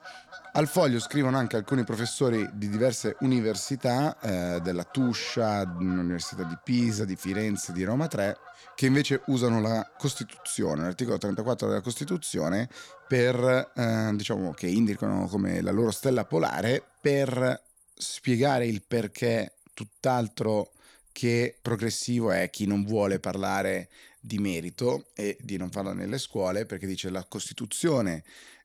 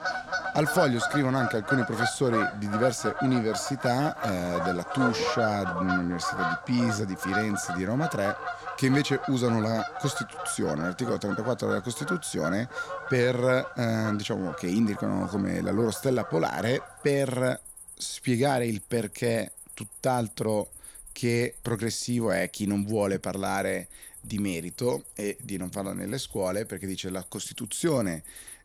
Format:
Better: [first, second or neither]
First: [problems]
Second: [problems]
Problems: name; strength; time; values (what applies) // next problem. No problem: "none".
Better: first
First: animal sounds; faint; throughout; 25 dB below the speech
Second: animal sounds; loud; throughout; 7 dB below the speech